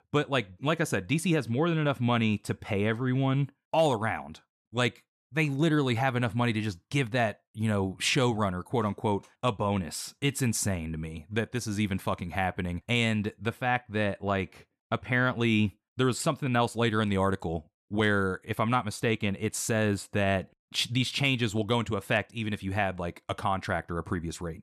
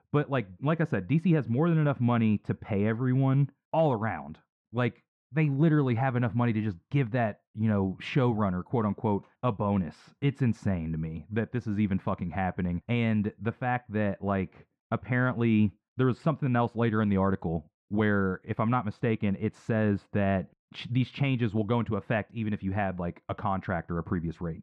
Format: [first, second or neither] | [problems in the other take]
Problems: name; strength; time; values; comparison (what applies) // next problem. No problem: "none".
first | muffled; very; fading above 2 kHz